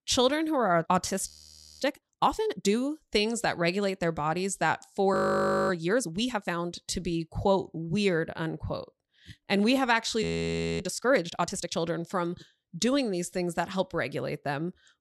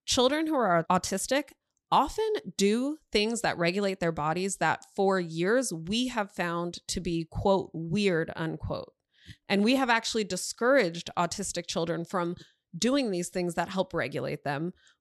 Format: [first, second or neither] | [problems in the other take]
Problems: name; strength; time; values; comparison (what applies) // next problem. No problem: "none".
second | audio freezing; at 1.5 s for 0.5 s, at 5 s for 0.5 s and at 10 s for 0.5 s